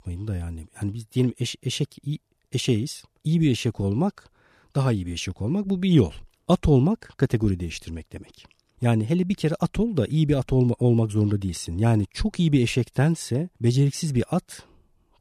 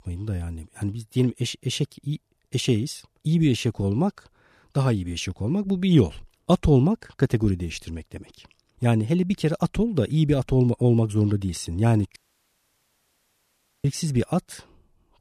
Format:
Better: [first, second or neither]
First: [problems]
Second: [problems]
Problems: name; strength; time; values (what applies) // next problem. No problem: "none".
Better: first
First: none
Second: audio cutting out; at 12 s for 1.5 s